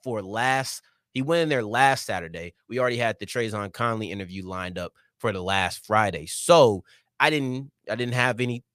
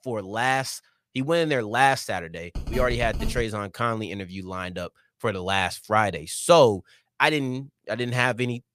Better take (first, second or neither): first